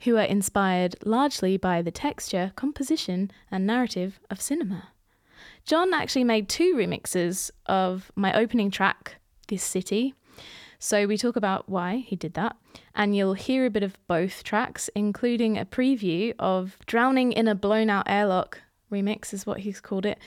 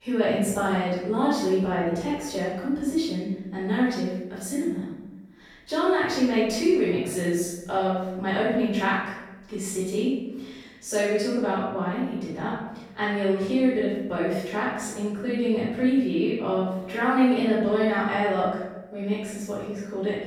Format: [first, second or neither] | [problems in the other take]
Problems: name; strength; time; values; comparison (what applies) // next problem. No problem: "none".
first | off-mic speech; far // room echo; strong; dies away in 0.9 s